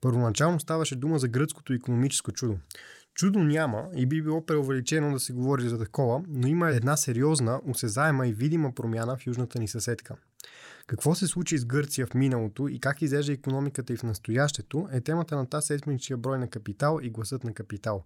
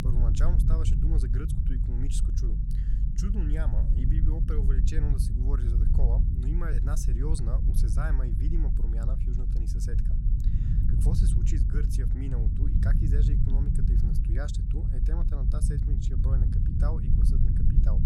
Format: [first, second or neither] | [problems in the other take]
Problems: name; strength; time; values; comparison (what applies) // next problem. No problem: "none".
first | low rumble; loud; throughout; as loud as the speech